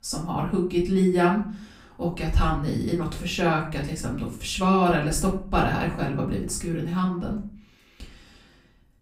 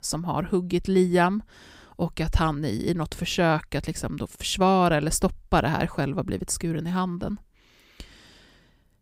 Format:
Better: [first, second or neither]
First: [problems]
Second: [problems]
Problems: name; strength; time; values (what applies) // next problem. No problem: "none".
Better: second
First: room echo; slight; dies away in 0.4 s // off-mic speech; far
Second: none